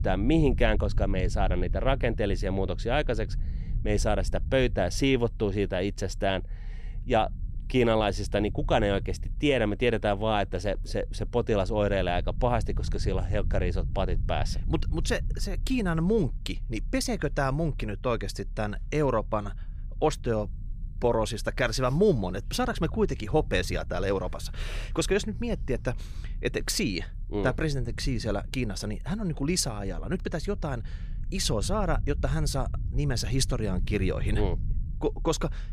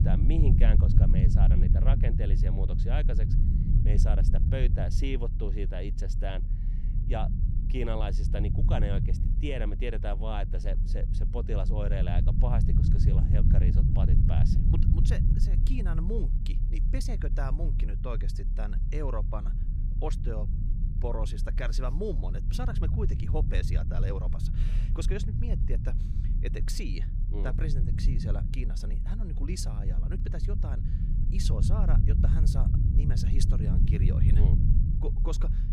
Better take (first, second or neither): first